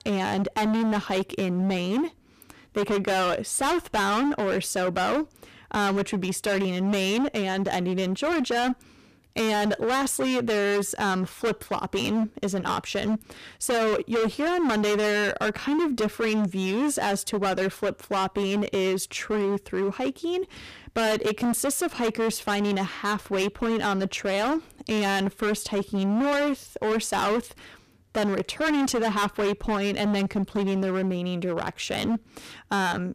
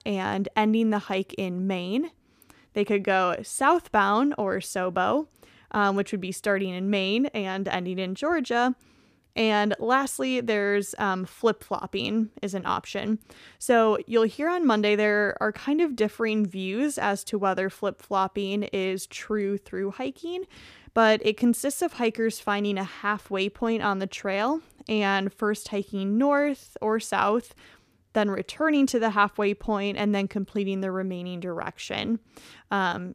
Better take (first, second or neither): second